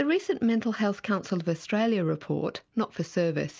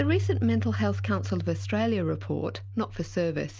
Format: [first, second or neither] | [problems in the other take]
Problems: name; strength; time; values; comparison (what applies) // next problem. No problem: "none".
first | background sound (Keyboard (musical)); 3 dB below the speech